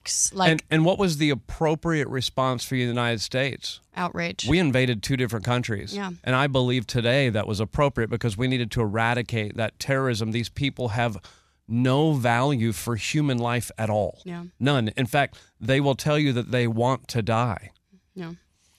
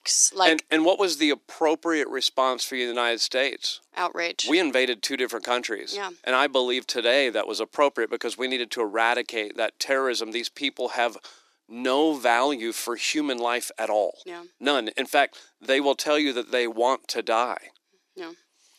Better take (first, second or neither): first